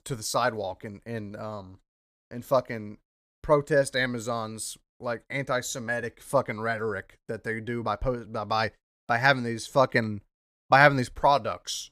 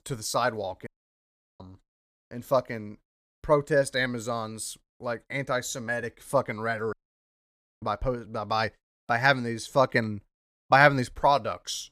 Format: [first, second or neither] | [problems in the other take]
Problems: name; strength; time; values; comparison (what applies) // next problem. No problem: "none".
first | audio cutting out; at 1 s for 0.5 s and at 7 s for 1 s